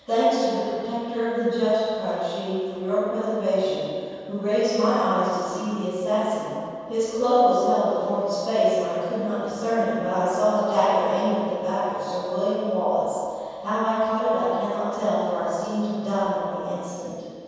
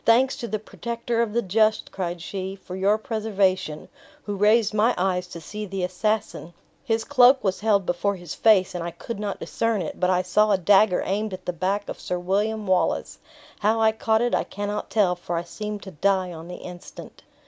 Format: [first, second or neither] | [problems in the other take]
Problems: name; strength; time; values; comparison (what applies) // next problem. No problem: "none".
second | room echo; dies away in 2.1 s